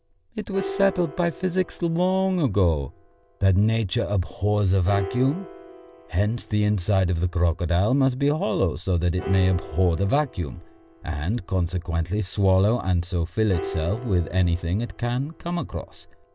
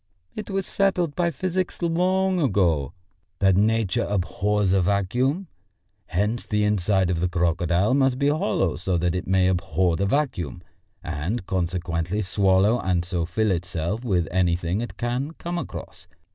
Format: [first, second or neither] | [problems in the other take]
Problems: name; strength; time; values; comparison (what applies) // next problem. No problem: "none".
second | background sound (Piano); 17 dB below the speech